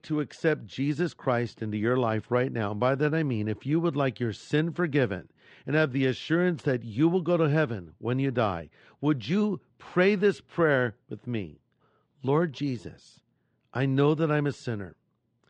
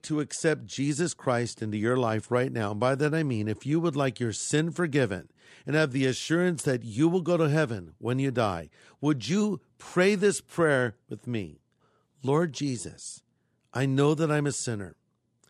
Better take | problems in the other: second | muffled; slightly; fading above 3.5 kHz

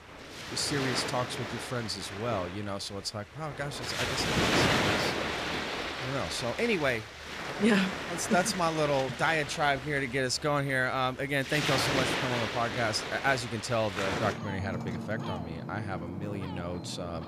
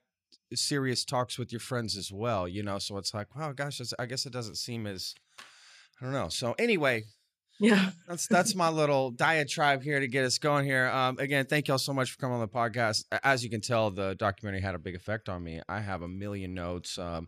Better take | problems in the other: second | rain or running water; loud; throughout; 2 dB below the speech

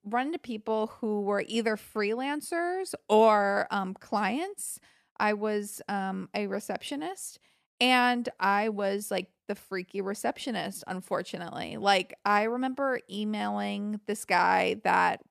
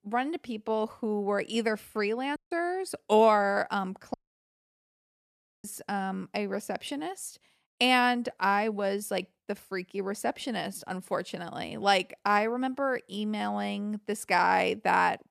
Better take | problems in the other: first | audio cutting out; at 2.5 s and at 4 s for 1.5 s

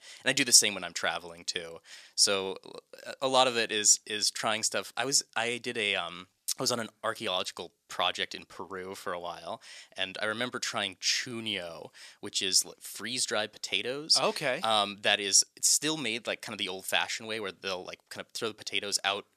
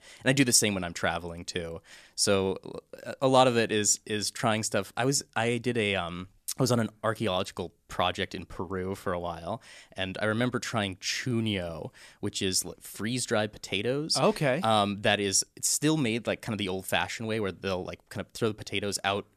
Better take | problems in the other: second | thin; somewhat; fading below 650 Hz

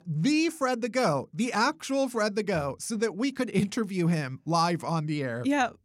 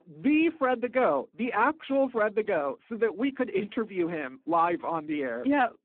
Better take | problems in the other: first | phone-call audio; poor line

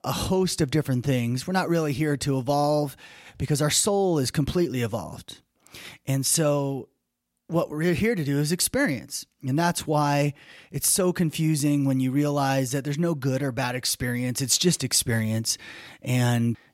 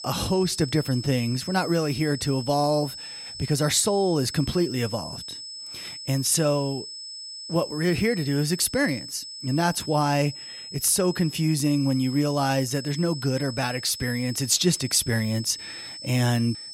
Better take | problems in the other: first | high-pitched whine; noticeable; throughout; 5 kHz, 10 dB below the speech

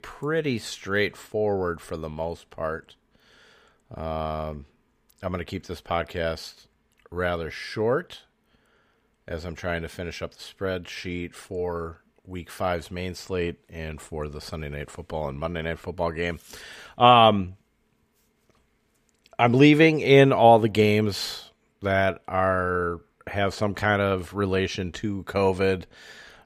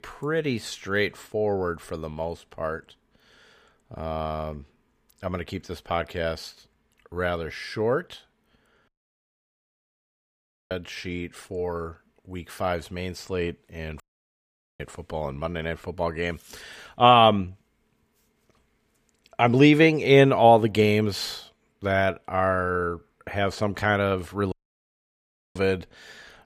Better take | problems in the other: first | audio cutting out; at 9 s for 2 s, at 14 s for 1 s and at 25 s for 1 s

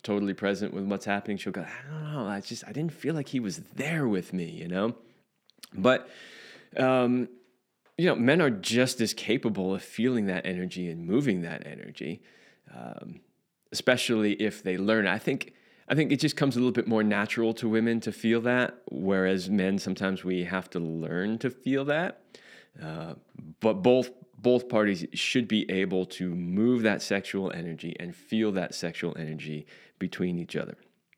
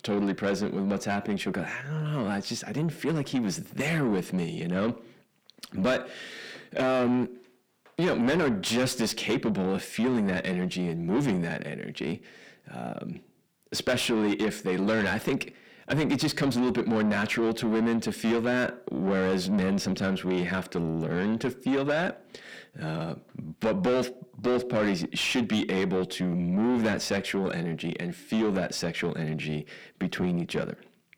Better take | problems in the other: first | distortion; heavy; 7 dB below the speech

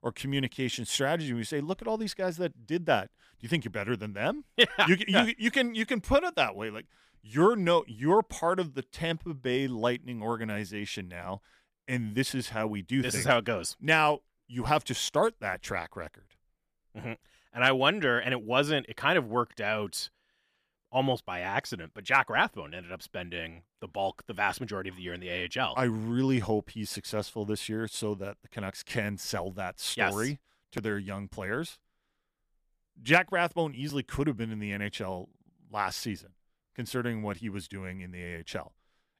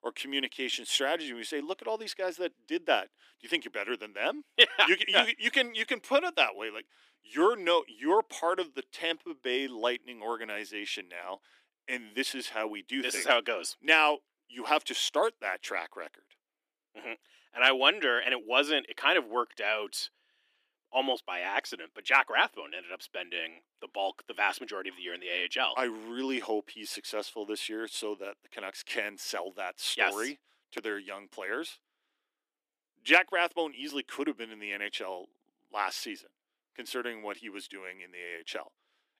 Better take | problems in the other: first | thin; somewhat; fading below 300 Hz

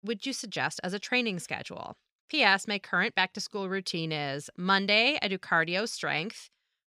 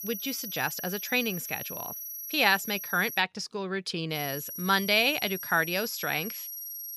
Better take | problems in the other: first | high-pitched whine; loud; until 3 s and from 4 s on; 11.5 kHz, 8 dB below the speech

